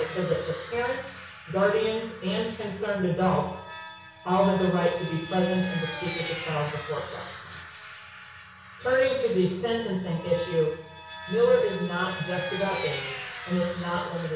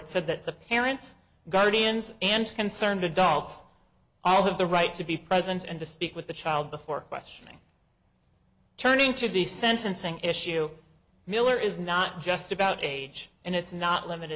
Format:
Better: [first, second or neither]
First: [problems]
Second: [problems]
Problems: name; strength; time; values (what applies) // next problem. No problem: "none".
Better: second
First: background sound (Vehicle); 12 dB below the speech // room echo; dies away in 0.6 s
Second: none